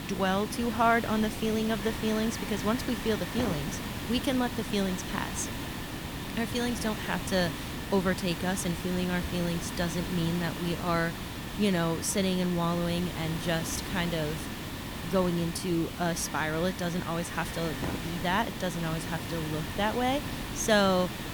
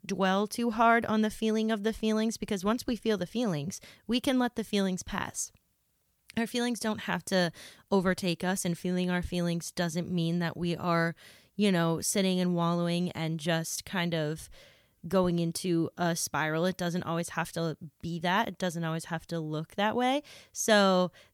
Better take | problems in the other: second | hiss; loud; throughout; 6 dB below the speech

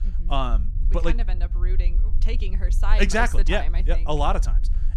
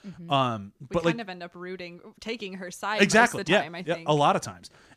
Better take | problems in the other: second | low rumble; faint; throughout; 20 dB below the speech

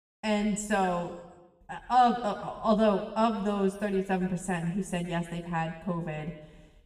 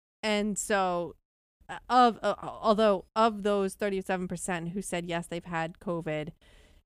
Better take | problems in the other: second | room echo; slight; dies away in 1 s // off-mic speech; somewhat distant

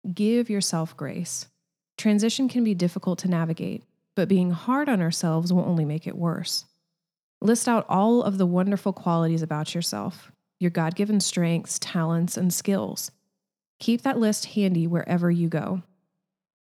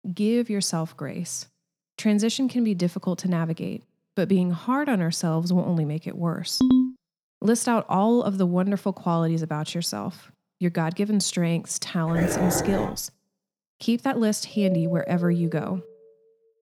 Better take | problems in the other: first | phone ringing; loud; at 6.5 s; peak 5 dB above the speech // dog barking; noticeable; at 12 s; peak 1 dB below the speech // doorbell; noticeable; from 15 to 16 s; peak 6 dB below the speech

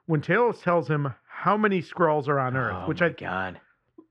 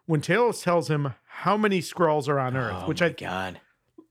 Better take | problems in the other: second | muffled; slightly; fading above 2.5 kHz

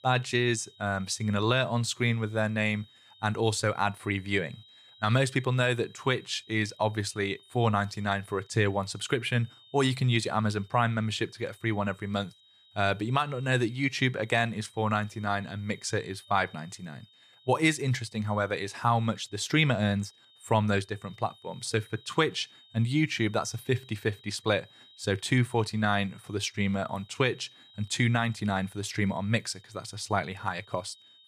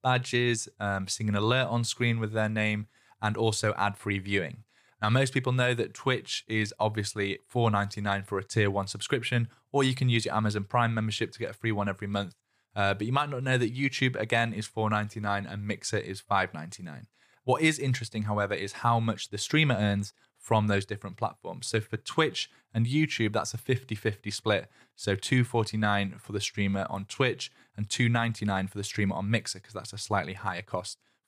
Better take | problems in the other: second | high-pitched whine; faint; throughout; 4 kHz, 25 dB below the speech

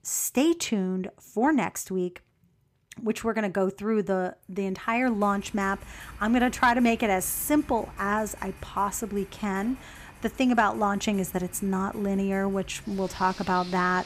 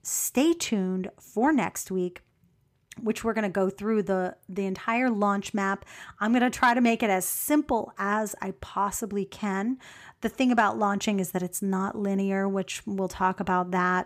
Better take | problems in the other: second | household noises; noticeable; from 5 s on; 20 dB below the speech

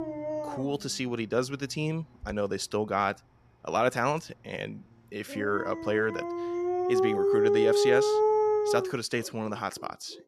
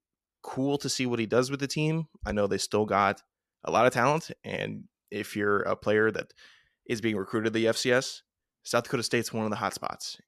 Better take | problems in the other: second | animal sounds; very loud; throughout; 4 dB above the speech

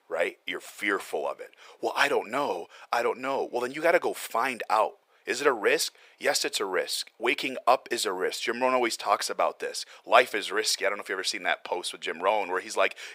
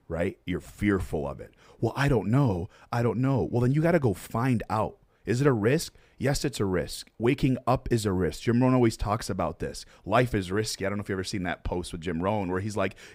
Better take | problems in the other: second | thin; very; fading below 500 Hz

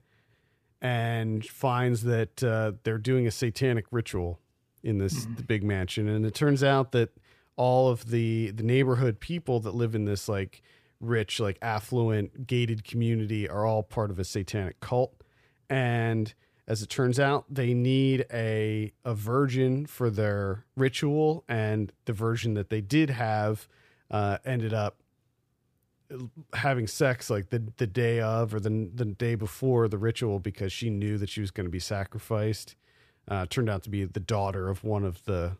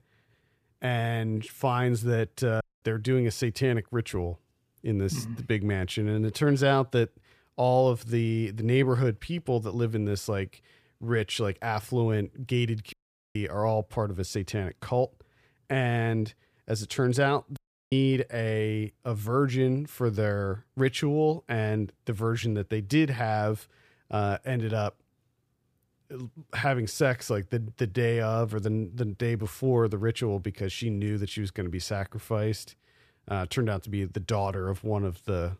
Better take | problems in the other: first | audio cutting out; at 2.5 s, at 13 s and at 18 s

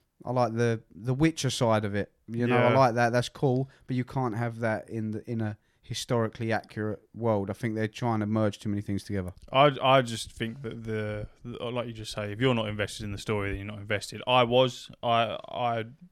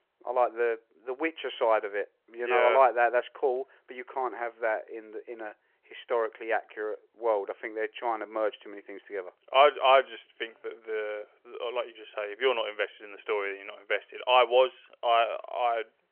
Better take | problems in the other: first | phone-call audio; nothing above 3 kHz

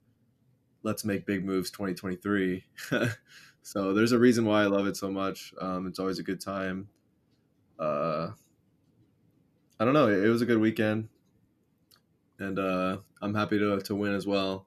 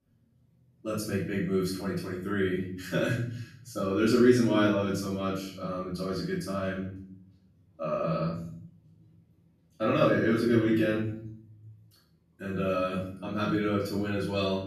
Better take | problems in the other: first | off-mic speech; far // room echo; noticeable; dies away in 0.9 s

